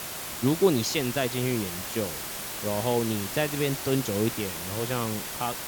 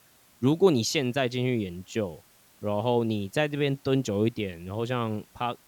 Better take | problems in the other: second | hiss; loud; throughout; 4 dB below the speech; faint in the second

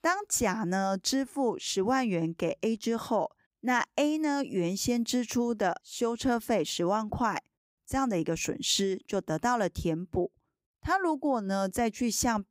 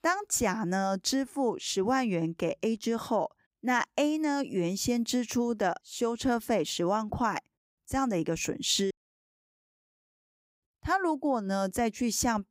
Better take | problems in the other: first | audio cutting out; at 9 s for 1.5 s

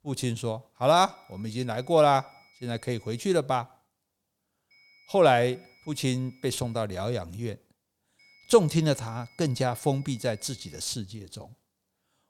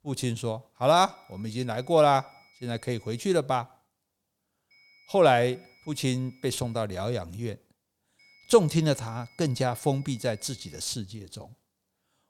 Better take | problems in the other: neither | high-pitched whine; faint; from 1 to 3 s, from 4.5 to 7 s and from 8 to 11 s; 2 kHz, 30 dB below the speech; the same in both

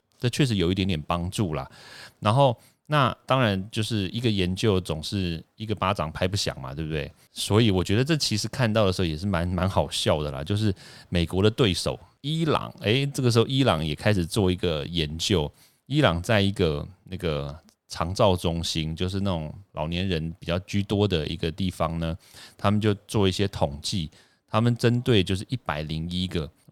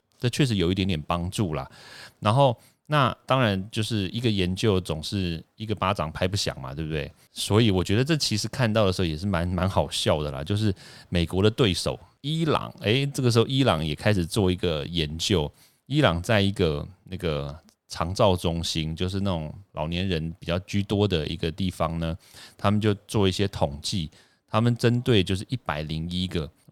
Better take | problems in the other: neither | none

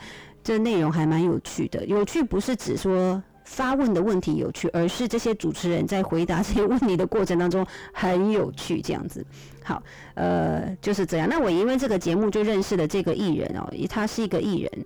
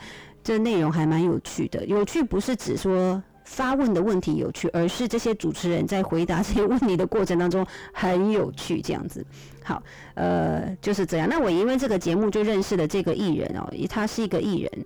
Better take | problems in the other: neither | distortion; heavy; 5 dB below the speech; the same in both

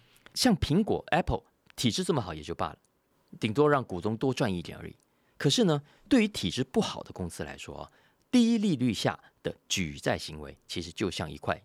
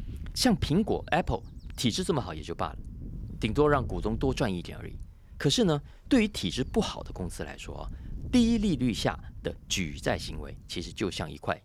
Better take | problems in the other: first | wind noise on the microphone; occasional gusts; 25 dB below the speech

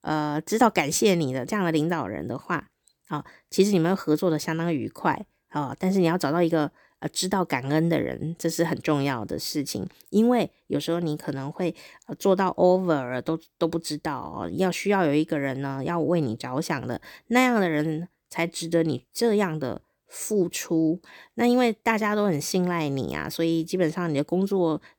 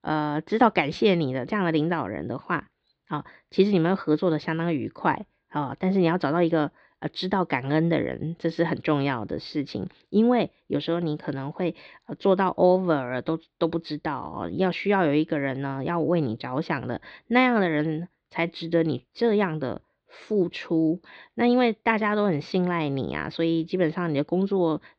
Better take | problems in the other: first | muffled; slightly; fading above 4 kHz

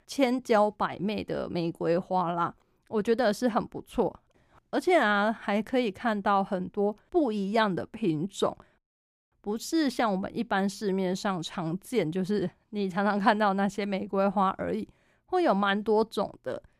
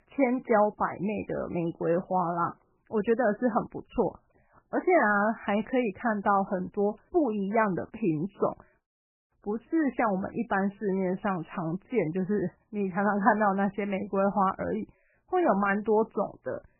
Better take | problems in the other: first | garbled, watery; badly; nothing above 2.5 kHz

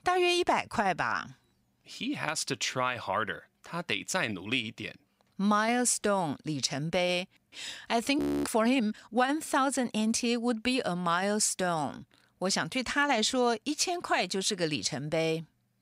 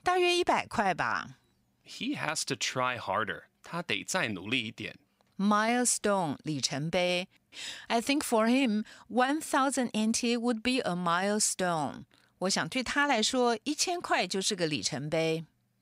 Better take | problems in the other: second | audio freezing; at 8 s

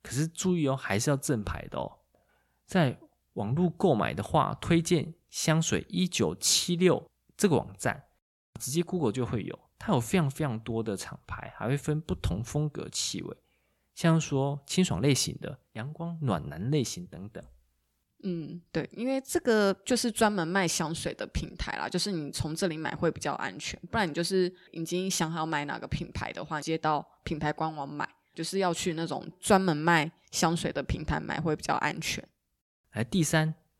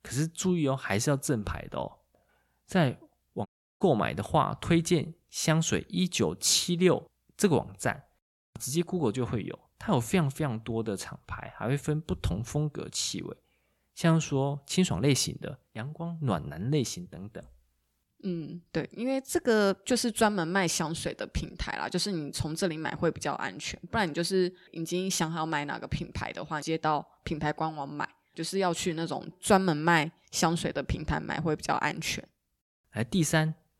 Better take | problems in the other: first | audio cutting out; at 3.5 s

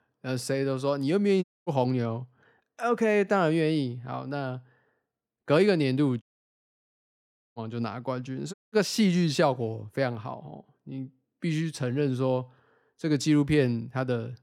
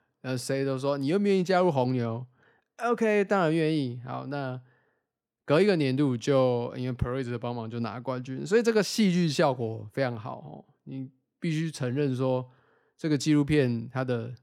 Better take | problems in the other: second | audio cutting out; at 1.5 s, at 6 s for 1.5 s and at 8.5 s

